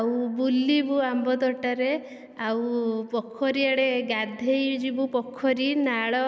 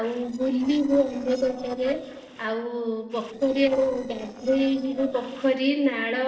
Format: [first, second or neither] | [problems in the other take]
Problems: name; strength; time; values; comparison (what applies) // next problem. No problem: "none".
first | noise reduction (neural separator model SepFormer DNS4)